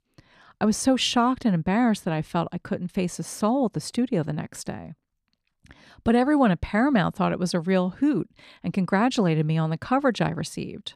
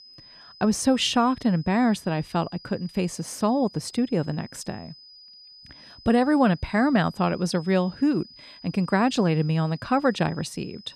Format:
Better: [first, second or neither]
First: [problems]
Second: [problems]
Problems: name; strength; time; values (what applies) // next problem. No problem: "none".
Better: first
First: none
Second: high-pitched whine; faint; throughout; 5 kHz, 20 dB below the speech